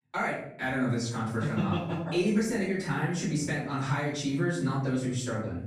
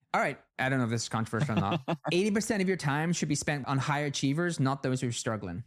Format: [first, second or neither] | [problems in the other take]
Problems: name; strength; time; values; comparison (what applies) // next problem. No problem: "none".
second | off-mic speech; far // room echo; noticeable; dies away in 0.5 s